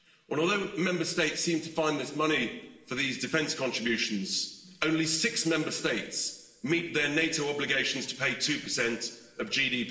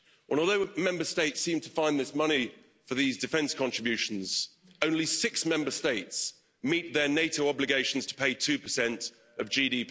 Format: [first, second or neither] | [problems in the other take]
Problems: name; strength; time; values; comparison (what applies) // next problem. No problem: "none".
second | room echo; dies away in 1.1 s